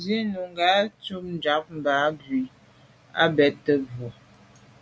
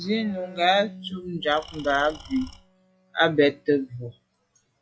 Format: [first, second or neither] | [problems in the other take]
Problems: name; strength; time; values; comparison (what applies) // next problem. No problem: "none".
first | noise reduction (classical method log-MMSE)